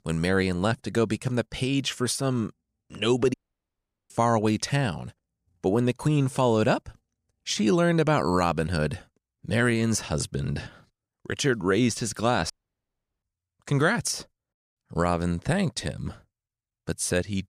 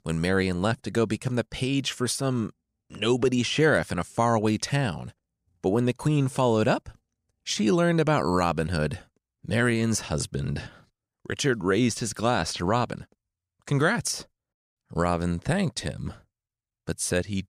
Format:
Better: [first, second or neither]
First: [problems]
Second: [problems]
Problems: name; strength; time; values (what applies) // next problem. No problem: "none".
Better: second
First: audio cutting out; at 3.5 s for 1 s and at 13 s for 0.5 s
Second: none